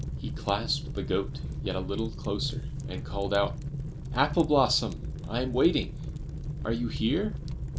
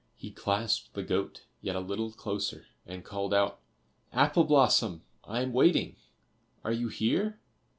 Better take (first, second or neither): second